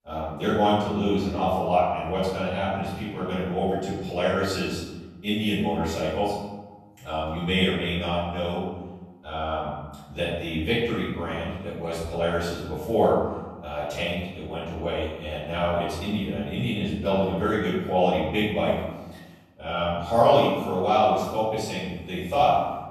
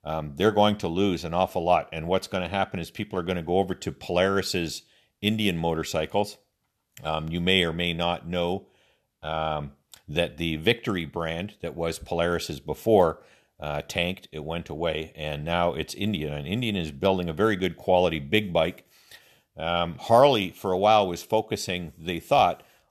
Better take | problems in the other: second | off-mic speech; far // room echo; strong; dies away in 1.1 s

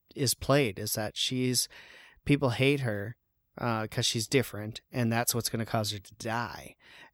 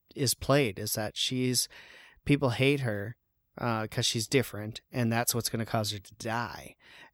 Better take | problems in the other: neither | none

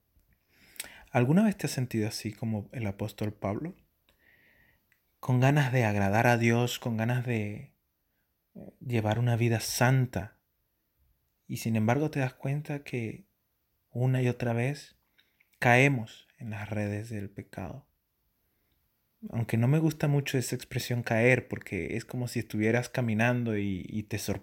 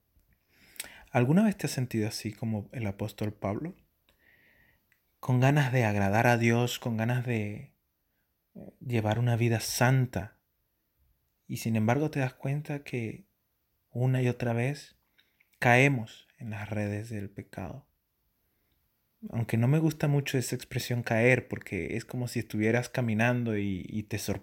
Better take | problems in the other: neither | none

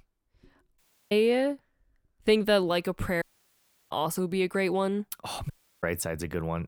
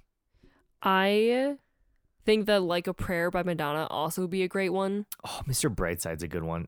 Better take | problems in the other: second | audio cutting out; at 1 s, at 3 s for 0.5 s and at 5.5 s

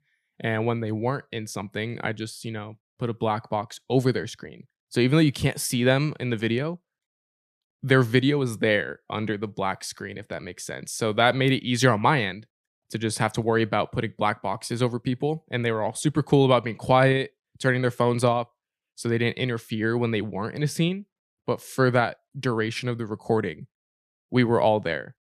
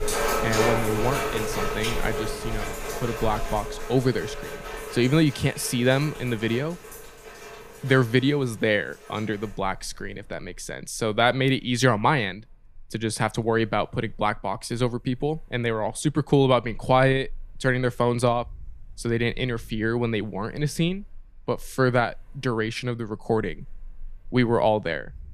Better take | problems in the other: first | rain or running water; loud; throughout; 6 dB below the speech

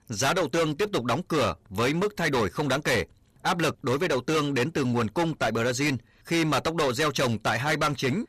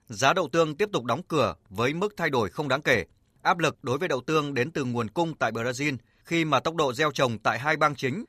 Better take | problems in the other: second | distortion; heavy; 18% of the sound clipped

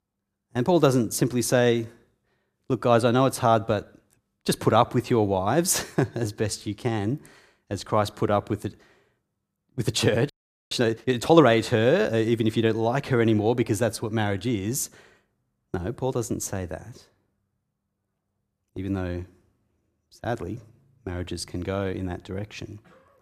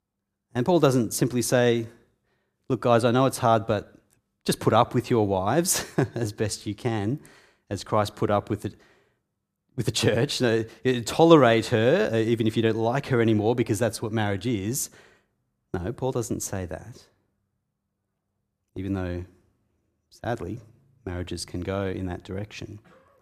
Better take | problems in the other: second | audio freezing; at 10 s

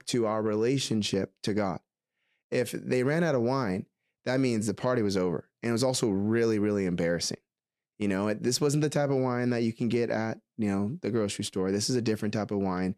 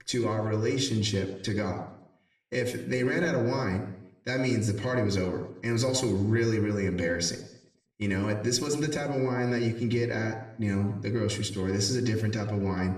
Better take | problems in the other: first | room echo; slight; dies away in 0.7 s // off-mic speech; somewhat distant

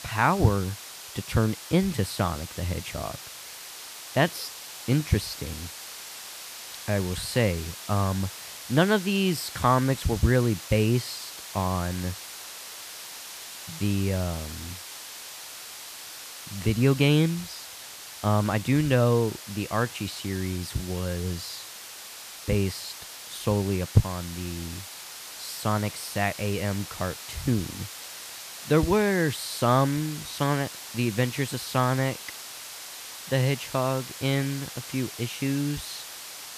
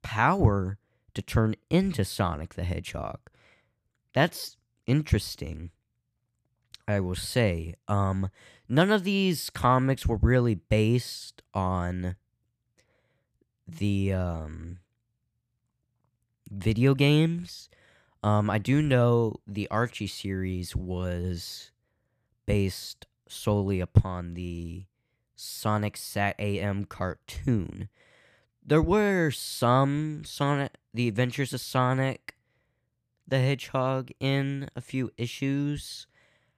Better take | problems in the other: second | hiss; noticeable; throughout; 10 dB below the speech

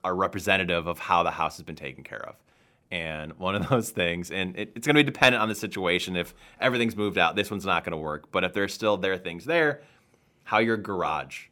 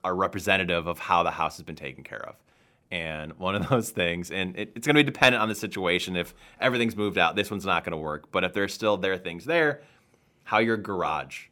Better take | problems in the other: neither | none

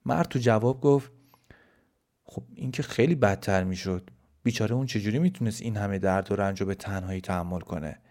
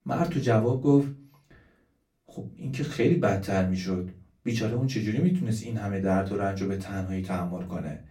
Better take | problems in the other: first | off-mic speech; far // room echo; very slight; dies away in 0.3 s

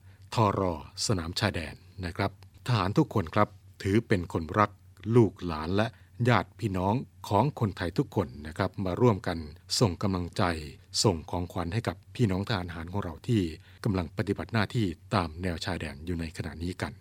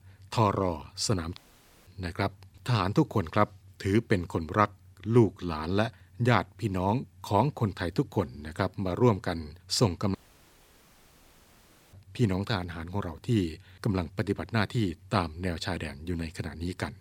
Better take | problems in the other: first | audio cutting out; at 1.5 s for 0.5 s and at 10 s for 2 s

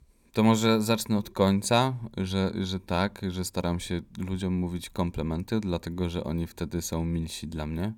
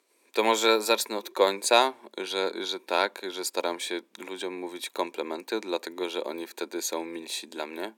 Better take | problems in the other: first | thin; very; fading below 300 Hz

